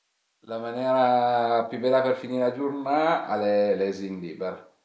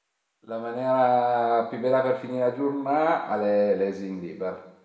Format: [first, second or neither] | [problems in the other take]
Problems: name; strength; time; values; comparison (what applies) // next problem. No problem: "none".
first | room echo; dies away in 1.2 s